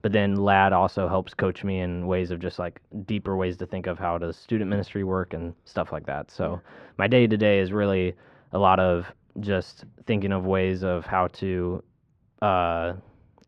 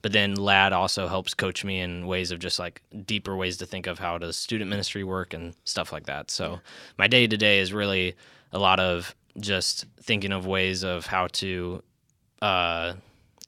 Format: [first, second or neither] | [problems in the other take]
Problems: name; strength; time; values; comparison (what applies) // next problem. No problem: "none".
second | muffled; very; fading above 3 kHz